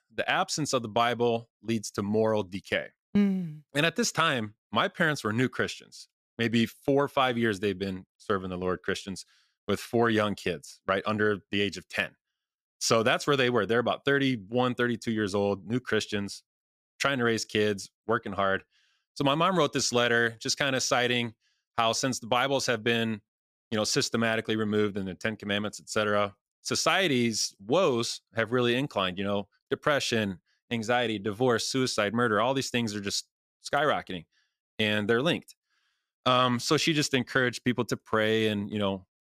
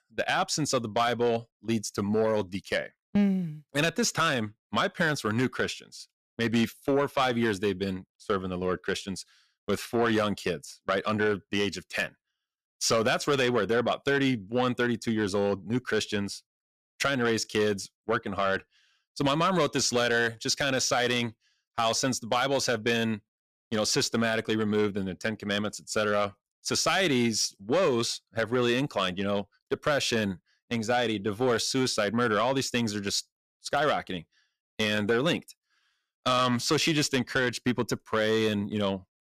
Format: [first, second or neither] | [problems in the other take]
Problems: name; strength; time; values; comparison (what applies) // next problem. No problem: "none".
first | distortion; slight; 10 dB below the speech